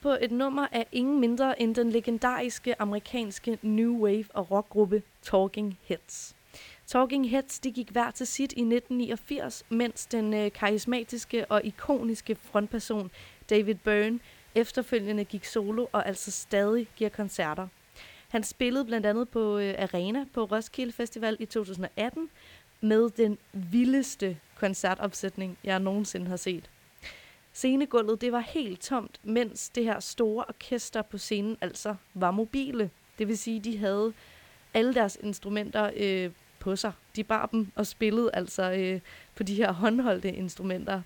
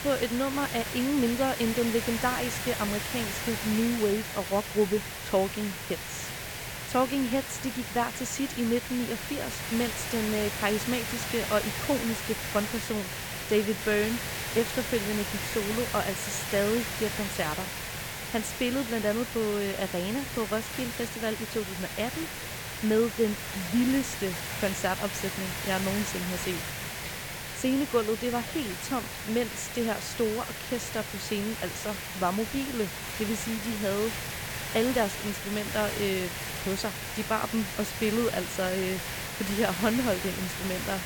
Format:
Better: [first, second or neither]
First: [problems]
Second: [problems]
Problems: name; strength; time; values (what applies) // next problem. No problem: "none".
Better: first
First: hiss; faint; throughout; 30 dB below the speech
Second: hiss; loud; throughout; 3 dB below the speech